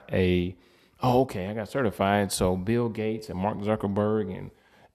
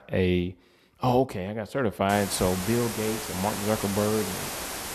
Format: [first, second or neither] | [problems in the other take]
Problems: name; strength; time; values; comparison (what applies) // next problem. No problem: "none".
first | hiss; loud; from 2 s on; 5 dB below the speech